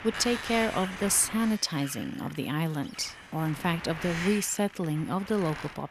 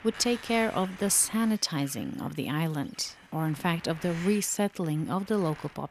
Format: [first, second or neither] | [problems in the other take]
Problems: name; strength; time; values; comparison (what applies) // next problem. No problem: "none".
second | wind noise on the microphone; heavy; 7 dB below the speech; occasional gusts in the second